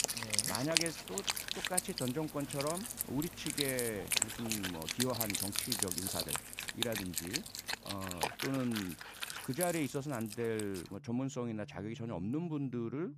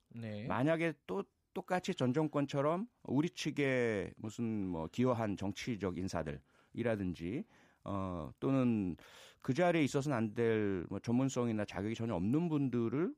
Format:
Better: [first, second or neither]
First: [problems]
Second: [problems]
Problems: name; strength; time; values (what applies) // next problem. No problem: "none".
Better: second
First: background music; very loud; throughout; 3 dB above the speech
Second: none